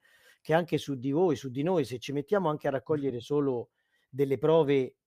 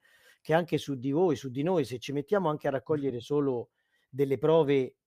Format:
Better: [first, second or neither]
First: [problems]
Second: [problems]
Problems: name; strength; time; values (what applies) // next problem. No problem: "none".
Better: neither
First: none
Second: none